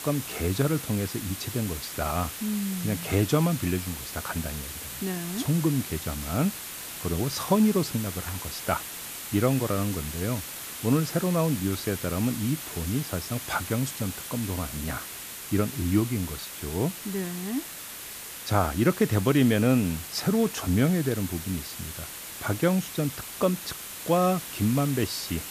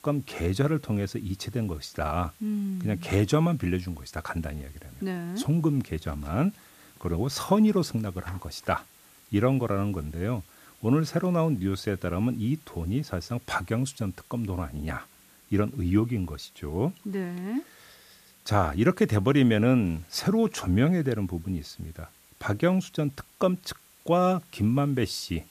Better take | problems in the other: second | hiss; loud; throughout; 8 dB below the speech; faint in the second

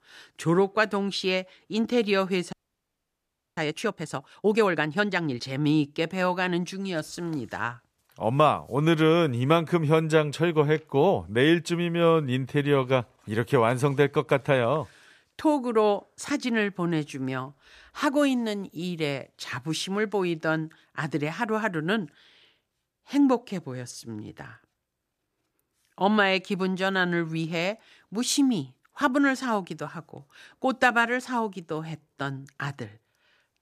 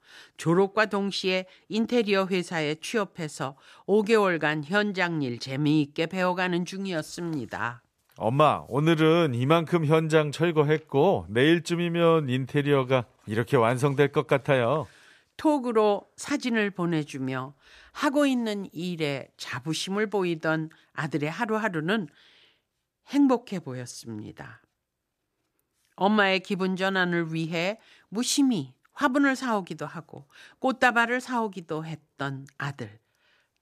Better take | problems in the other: second | audio freezing; at 2.5 s for 1 s

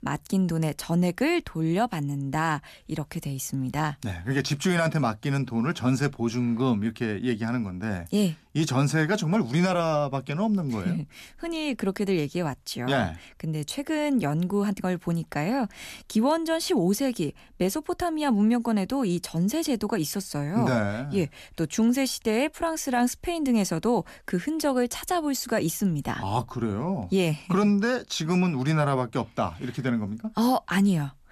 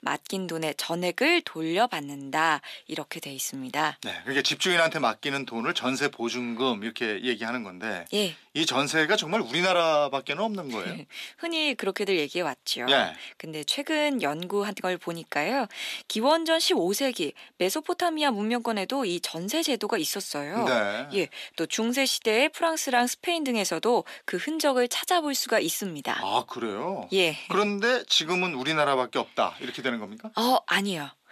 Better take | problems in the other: first | thin; somewhat; fading below 400 Hz

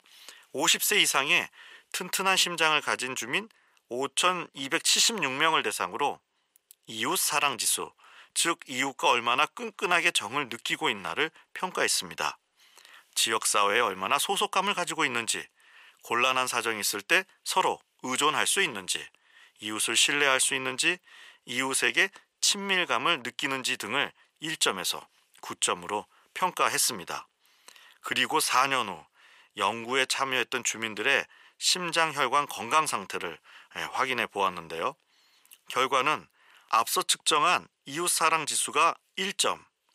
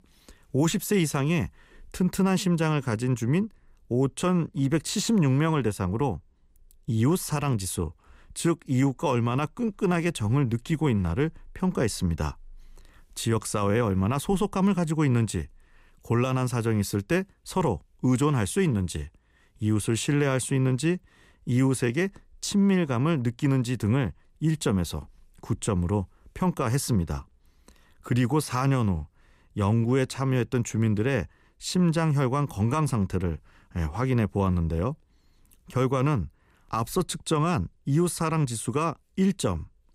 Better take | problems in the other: second | thin; very; fading below 800 Hz

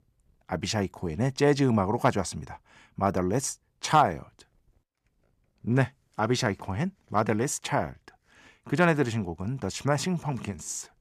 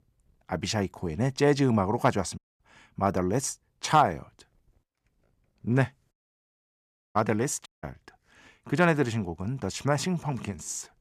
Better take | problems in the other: first | audio cutting out; at 2.5 s, at 6 s for 1 s and at 7.5 s

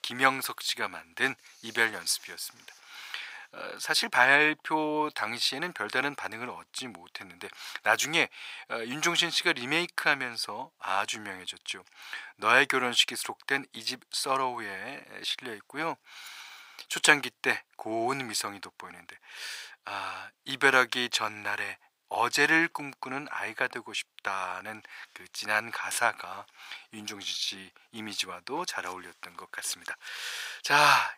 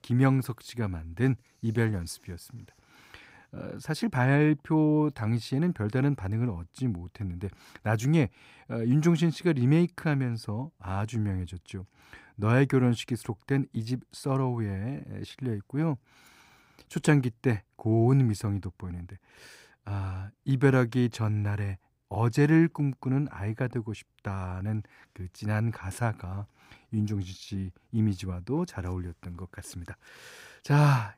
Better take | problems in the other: second | thin; very; fading below 950 Hz

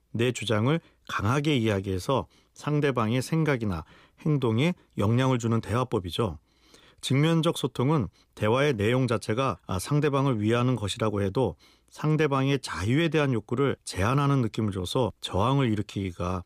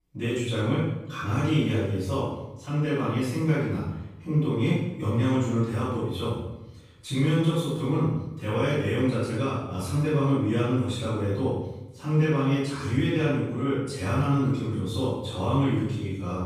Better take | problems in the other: first | off-mic speech; far // room echo; strong; dies away in 0.8 s

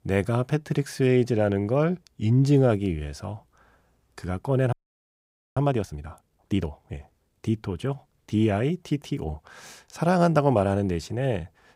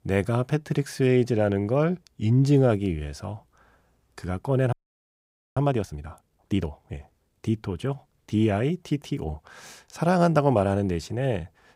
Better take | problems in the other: neither | audio freezing; at 4.5 s for 1 s; the same in both

